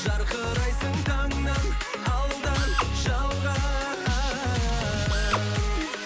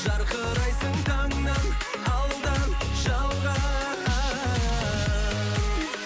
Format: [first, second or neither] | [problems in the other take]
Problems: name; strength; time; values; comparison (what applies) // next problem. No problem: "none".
second | background sound (Drill); 7 dB below the speech